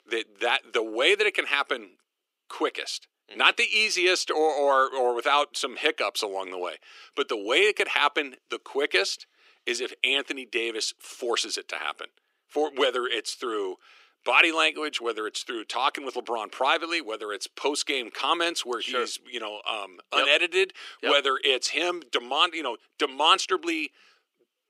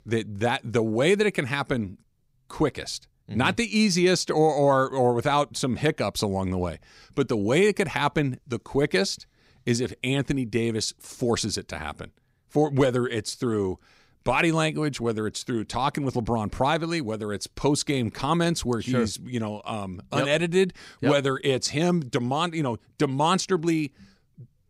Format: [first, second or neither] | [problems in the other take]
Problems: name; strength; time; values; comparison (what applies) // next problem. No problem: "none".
second | thin; very; fading below 350 Hz